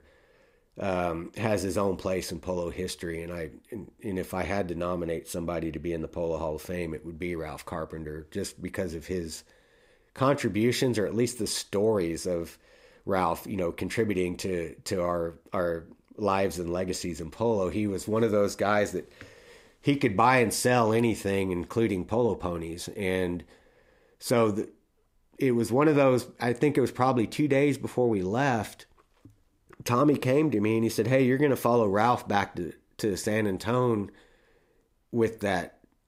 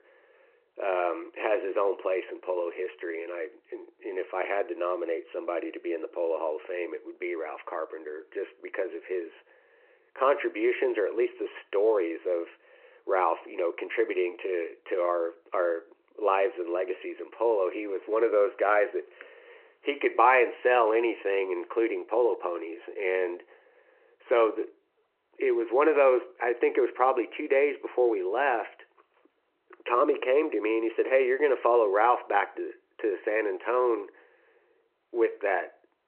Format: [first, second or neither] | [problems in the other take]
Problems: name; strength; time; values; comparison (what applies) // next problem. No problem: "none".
first | phone-call audio